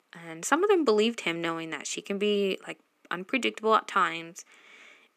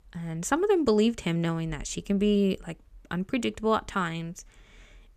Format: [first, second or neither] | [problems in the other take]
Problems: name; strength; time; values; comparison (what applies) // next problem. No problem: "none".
second | thin; somewhat; fading below 250 Hz